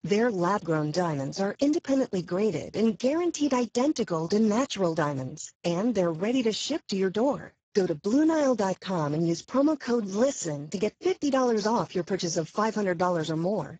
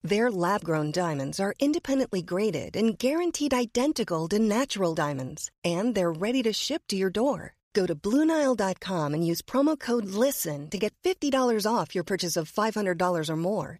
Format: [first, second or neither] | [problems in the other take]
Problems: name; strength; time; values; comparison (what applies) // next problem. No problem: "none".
second | garbled, watery; badly; nothing above 7.5 kHz